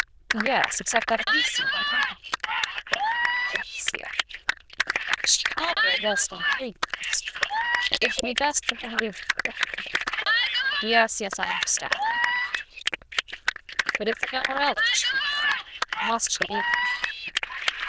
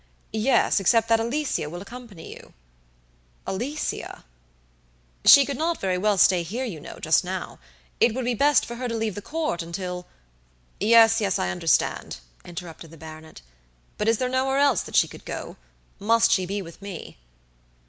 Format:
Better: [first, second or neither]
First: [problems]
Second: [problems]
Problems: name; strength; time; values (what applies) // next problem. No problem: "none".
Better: second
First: noise reduction (neural diffusion model UNIVERSE++)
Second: none